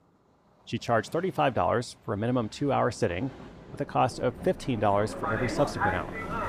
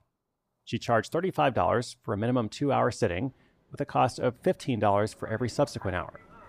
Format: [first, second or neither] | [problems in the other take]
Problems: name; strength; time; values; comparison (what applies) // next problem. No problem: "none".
second | train or aircraft noise; loud; throughout; 7 dB below the speech; faint in the second